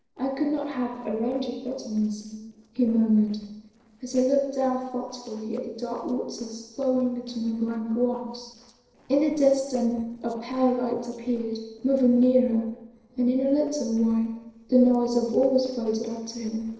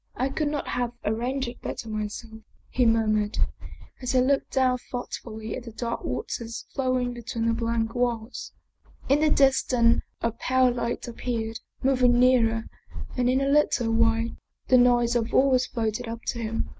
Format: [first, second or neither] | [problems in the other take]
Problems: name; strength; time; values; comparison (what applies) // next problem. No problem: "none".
second | noise reduction (neural separator model SepFormer DNS4)